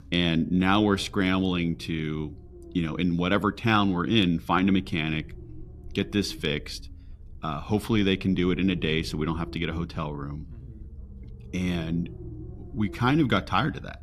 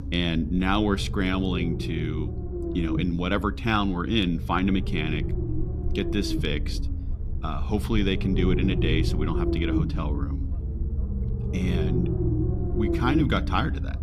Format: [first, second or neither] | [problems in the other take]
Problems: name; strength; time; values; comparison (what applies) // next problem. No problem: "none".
first | low rumble; loud; throughout; 7 dB below the speech; faint in the first